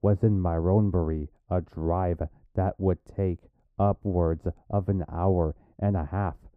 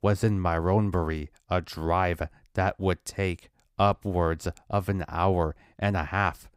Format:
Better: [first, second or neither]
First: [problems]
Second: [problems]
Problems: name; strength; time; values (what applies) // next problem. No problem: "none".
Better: second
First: muffled; very; fading above 1.5 kHz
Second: none